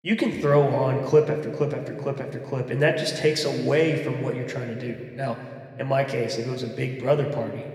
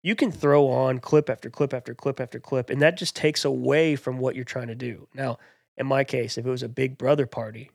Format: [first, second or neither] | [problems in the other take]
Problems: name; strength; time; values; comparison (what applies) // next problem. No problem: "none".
second | room echo; slight; dies away in 1.8 s // off-mic speech; somewhat distant